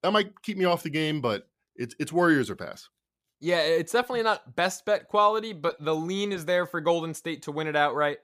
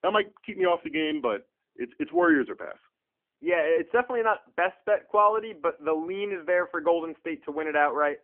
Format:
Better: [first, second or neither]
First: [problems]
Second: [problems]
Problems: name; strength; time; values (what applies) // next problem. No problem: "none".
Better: first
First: none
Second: phone-call audio; nothing above 3 kHz